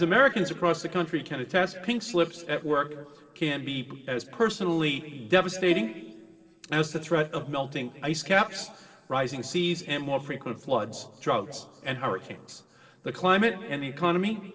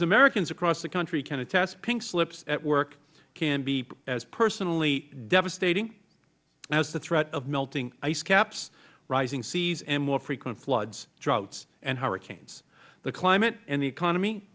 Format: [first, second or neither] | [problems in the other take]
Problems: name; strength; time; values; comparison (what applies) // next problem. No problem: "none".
second | noise reduction (neural separator model SepFormer DNS4)